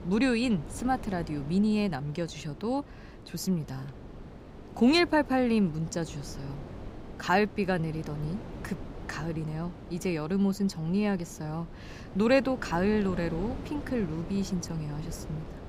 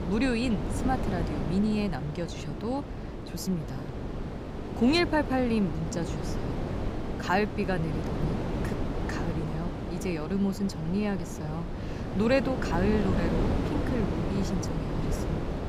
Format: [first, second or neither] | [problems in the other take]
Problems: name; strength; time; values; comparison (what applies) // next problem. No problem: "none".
first | wind noise on the microphone; heavy; 5 dB below the speech; occasional gusts in the first